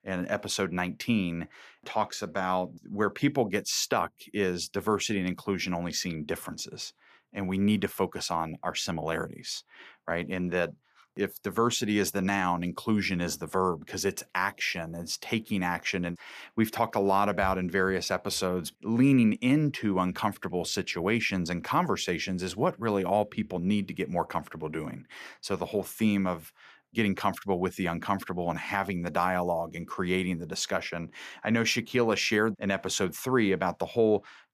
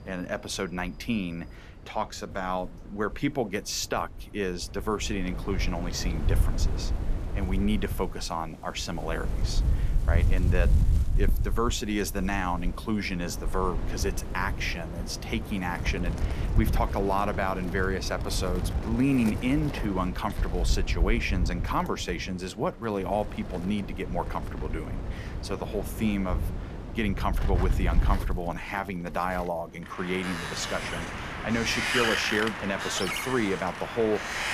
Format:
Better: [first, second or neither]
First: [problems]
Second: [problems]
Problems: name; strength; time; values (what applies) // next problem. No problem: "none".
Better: first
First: none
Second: wind in the background; loud; throughout; 1 dB below the speech